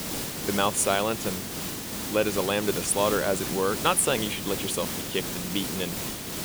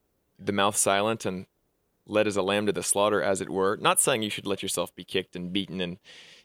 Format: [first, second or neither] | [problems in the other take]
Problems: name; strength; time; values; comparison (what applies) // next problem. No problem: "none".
second | hiss; loud; throughout; 4 dB below the speech